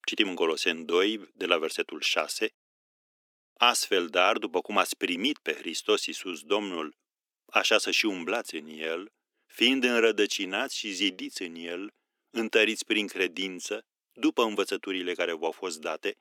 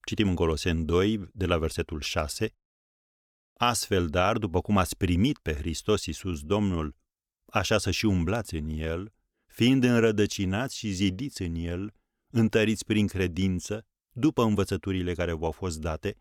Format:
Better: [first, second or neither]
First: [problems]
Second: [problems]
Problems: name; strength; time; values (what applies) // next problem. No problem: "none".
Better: second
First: thin; somewhat; fading below 300 Hz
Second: none